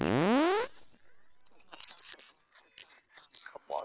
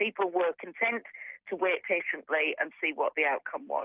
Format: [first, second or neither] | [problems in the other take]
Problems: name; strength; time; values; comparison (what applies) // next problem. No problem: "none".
second | noise reduction (neural separator model SepFormer WHAM!)